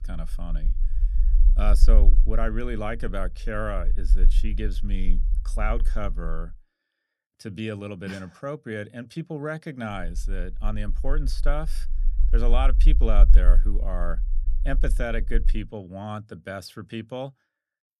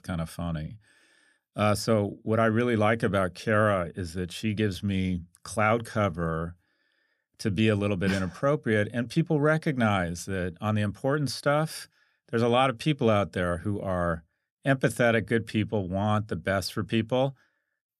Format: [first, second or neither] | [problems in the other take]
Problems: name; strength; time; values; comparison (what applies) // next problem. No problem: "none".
second | low rumble; noticeable; until 6.5 s and from 10 to 16 s; 15 dB below the speech